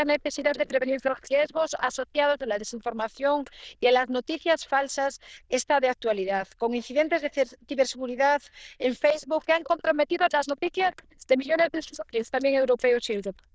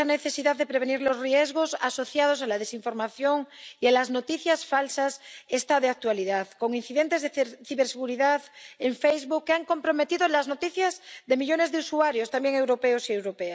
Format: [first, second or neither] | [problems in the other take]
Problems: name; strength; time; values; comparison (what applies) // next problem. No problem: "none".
second | noise reduction (neural diffusion model UNIVERSE++)